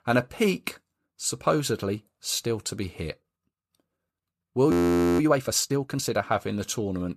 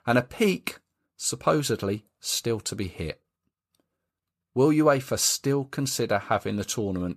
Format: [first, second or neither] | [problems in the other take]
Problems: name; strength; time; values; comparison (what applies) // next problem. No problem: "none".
second | audio freezing; at 4.5 s